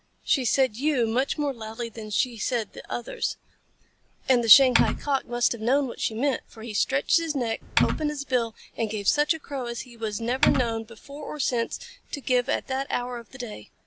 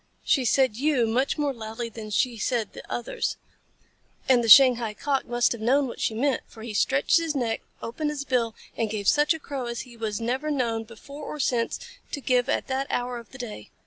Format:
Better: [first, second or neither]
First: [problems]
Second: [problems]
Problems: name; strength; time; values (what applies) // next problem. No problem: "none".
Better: second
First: background sound (Typing); 1 dB above the speech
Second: none